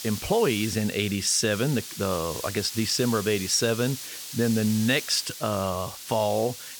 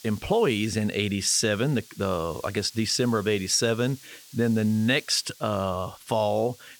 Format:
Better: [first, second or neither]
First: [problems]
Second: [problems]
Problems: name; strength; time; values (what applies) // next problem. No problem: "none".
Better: second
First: hiss; loud; throughout; 10 dB below the speech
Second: hiss; faint; throughout; 20 dB below the speech